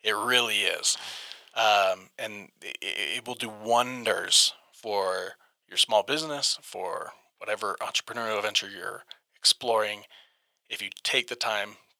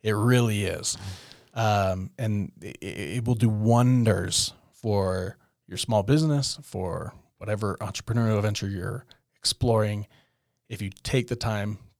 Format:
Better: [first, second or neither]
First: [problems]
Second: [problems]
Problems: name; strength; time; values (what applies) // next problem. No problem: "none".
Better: second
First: thin; very; fading below 750 Hz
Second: none